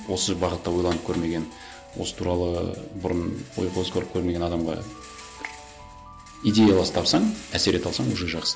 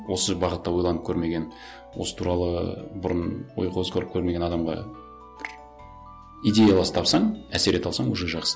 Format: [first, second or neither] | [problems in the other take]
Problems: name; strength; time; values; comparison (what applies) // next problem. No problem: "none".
second | background sound (Rattle); 20 dB below the speech